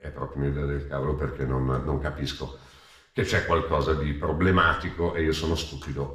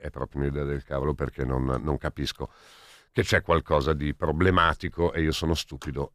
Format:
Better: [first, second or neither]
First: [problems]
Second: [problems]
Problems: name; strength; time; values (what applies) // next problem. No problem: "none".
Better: second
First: room echo; slight; dies away in 0.6 s // off-mic speech; somewhat distant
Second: none